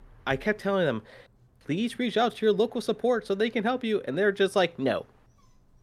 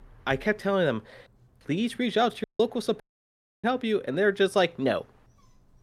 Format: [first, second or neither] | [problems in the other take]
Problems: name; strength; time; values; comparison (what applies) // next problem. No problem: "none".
first | audio cutting out; at 2.5 s and at 3 s for 0.5 s